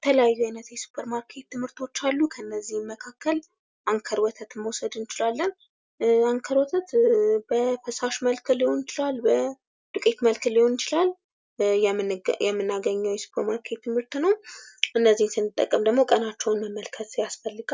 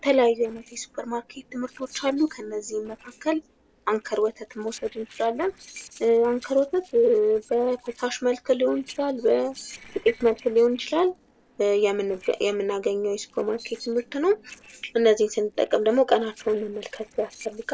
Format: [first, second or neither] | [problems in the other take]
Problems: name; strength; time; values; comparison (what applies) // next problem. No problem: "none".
first | noise reduction (neural separator model SepFormer DNS4)